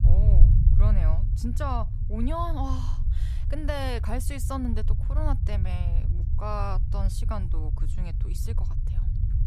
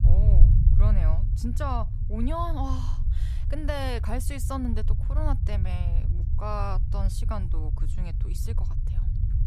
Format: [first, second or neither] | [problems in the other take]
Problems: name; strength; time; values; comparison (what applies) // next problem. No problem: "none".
neither | low rumble; loud; throughout; 9 dB below the speech; the same in both